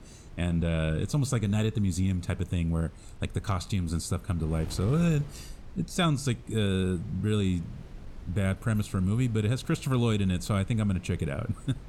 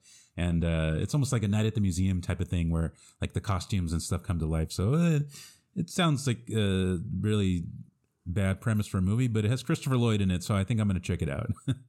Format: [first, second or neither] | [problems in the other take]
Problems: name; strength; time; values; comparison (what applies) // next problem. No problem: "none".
second | wind noise on the microphone; occasional gusts; 20 dB below the speech